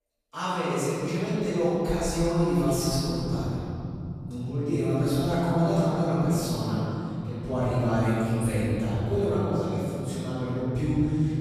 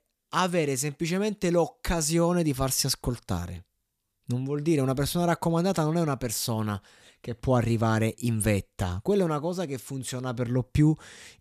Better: second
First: off-mic speech; far // room echo; strong; dies away in 3 s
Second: none

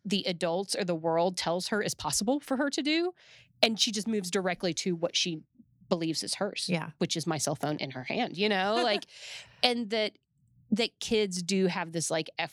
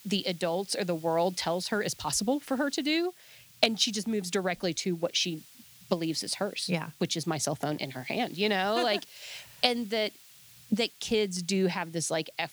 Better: first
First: none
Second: hiss; faint; throughout; 20 dB below the speech

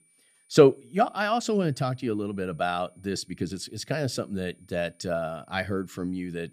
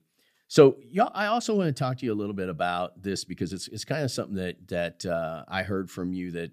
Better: second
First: high-pitched whine; faint; throughout; 9.5 kHz, 35 dB below the speech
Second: none

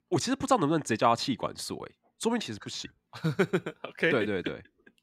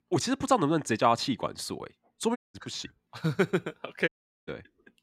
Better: first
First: none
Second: audio cutting out; at 2.5 s and at 4 s

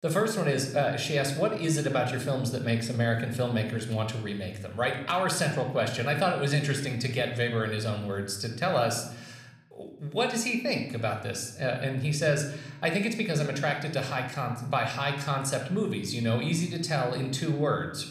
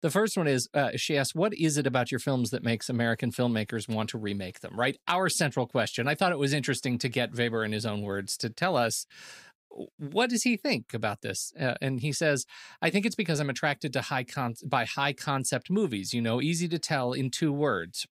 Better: second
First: room echo; slight; dies away in 0.8 s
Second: none

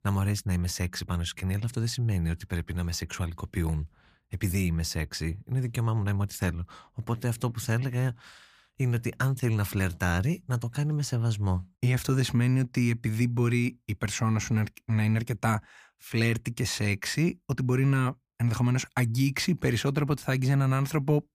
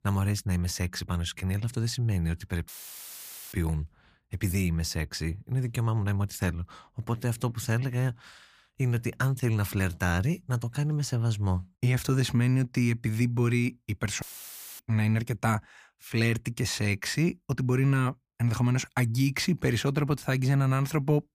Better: first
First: none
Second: audio cutting out; filled with static; at 2.5 s for 1 s and at 14 s for 0.5 s

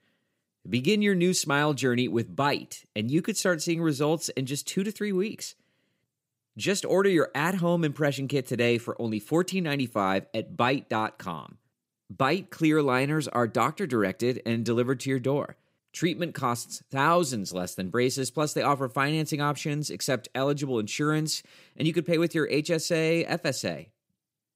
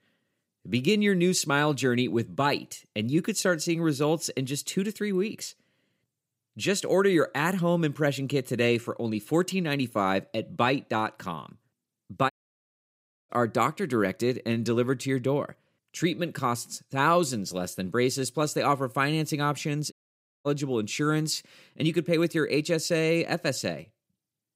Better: first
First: none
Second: audio cutting out; at 12 s for 1 s and at 20 s for 0.5 s

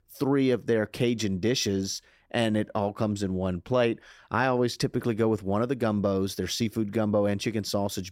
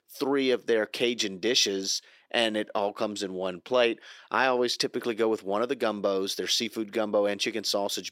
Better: first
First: none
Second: thin; somewhat; fading below 400 Hz

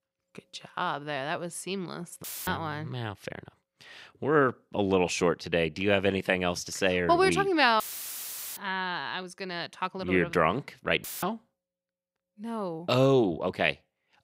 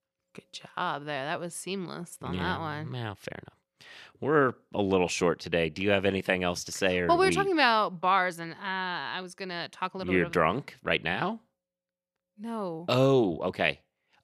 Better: second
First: audio cutting out; filled with static; at 2 s, at 8 s for 1 s and at 11 s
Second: none

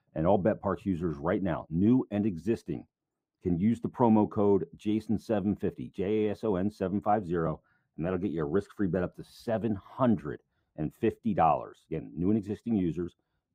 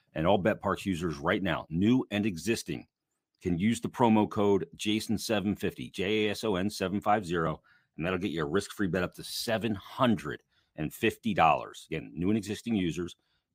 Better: second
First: muffled; very; fading above 1.5 kHz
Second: none

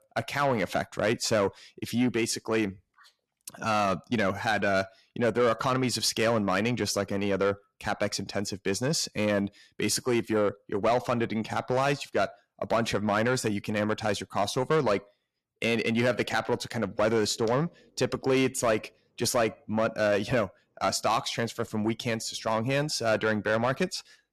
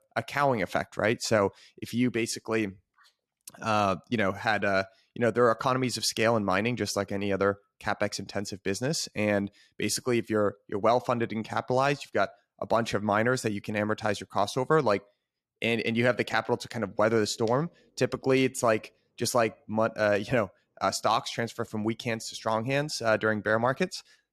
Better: second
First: distortion; slight; 10 dB below the speech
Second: none

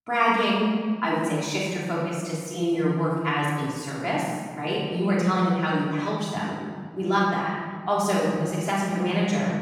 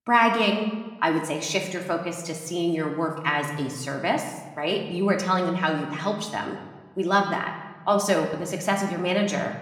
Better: second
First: room echo; strong; dies away in 2 s // off-mic speech; far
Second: room echo; slight; dies away in 0.9 s

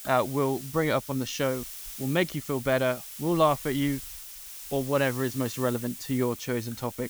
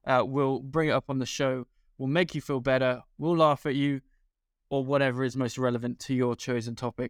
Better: second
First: hiss; noticeable; throughout; 10 dB below the speech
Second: none

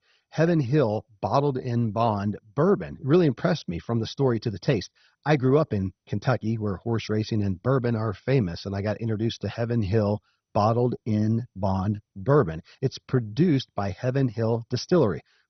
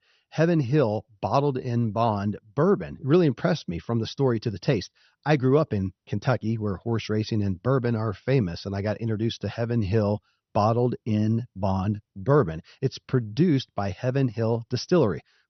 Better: second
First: garbled, watery; badly; nothing above 6 kHz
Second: garbled, watery; slightly; nothing above 6 kHz

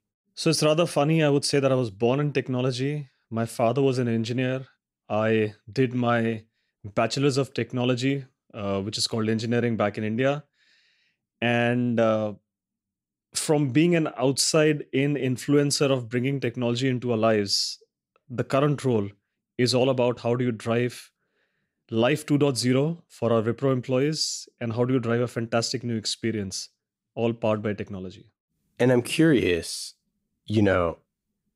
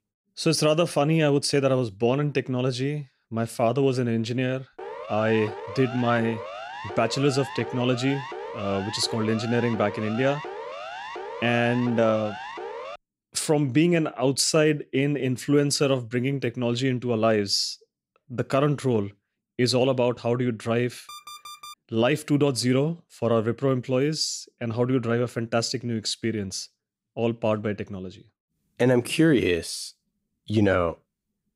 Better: first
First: none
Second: siren; faint; from 5 to 13 s; peak 10 dB below the speech // alarm; faint; at 21 s; peak 15 dB below the speech

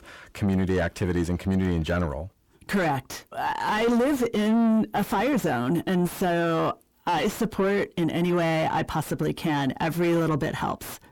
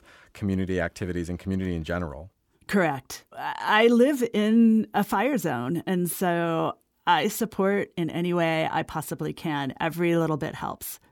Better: second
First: distortion; heavy; 6 dB below the speech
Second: none

